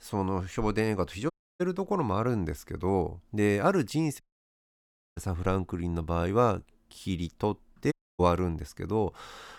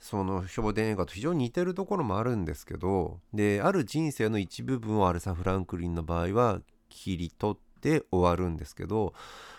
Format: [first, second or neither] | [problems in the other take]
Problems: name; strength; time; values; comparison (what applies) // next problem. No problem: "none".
second | audio cutting out; at 1.5 s, at 4 s for 1 s and at 8 s